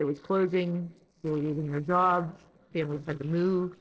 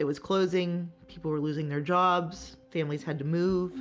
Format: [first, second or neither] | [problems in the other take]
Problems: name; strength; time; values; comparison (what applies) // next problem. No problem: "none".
second | noise reduction (neural separator model SepFormer DNS4)